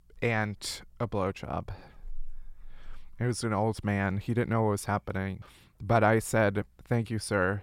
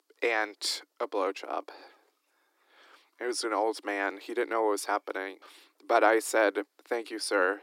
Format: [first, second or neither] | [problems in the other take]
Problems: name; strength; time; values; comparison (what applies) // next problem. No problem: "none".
first | thin; very; fading below 300 Hz